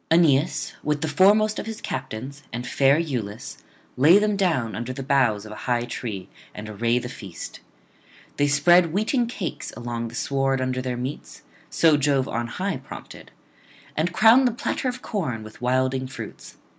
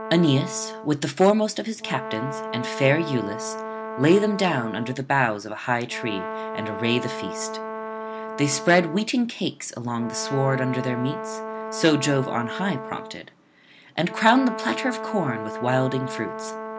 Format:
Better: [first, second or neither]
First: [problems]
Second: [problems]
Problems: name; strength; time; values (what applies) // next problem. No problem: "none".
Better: first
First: none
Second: background sound (Brass instrument); 9 dB below the speech